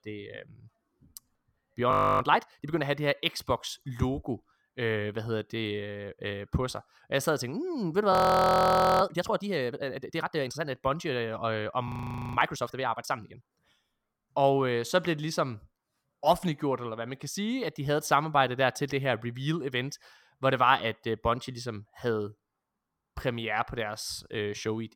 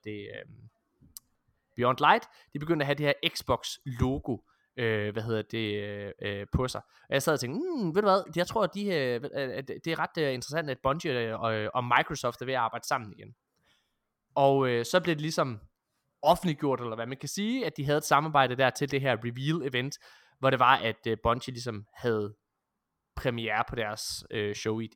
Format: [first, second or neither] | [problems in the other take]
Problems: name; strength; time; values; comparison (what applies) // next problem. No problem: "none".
second | audio freezing; at 2 s, at 8 s for 1 s and at 12 s